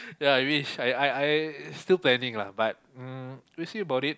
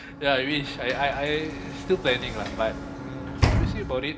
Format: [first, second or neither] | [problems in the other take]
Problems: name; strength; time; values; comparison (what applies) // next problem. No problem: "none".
first | background sound (Sliding door / Slam); 2 dB below the speech // room echo; dies away in 1.6 s